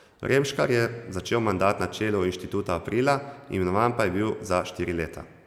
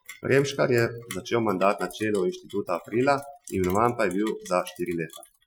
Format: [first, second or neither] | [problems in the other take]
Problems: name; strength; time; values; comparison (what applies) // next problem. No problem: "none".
first | noise reduction (classical method Wiener filter)